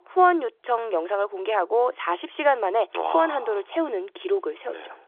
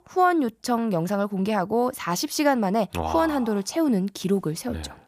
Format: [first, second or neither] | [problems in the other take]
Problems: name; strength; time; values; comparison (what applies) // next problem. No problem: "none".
second | phone-call audio; nothing above 3.5 kHz